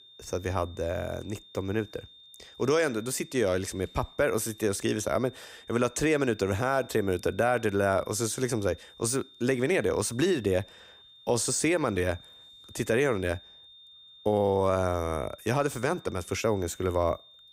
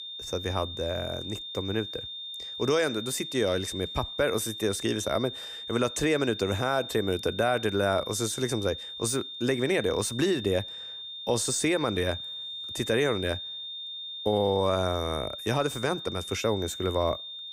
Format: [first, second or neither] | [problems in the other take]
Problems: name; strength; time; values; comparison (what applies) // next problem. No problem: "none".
first | high-pitched whine; loud; throughout; 3.5 kHz, 8 dB below the speech; faint in the first